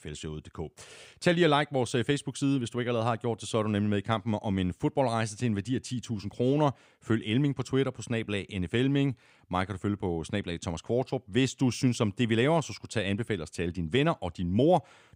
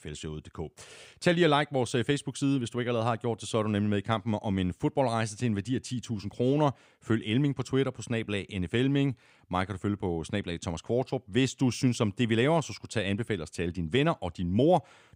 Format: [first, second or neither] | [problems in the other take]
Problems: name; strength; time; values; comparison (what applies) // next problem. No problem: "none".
neither | none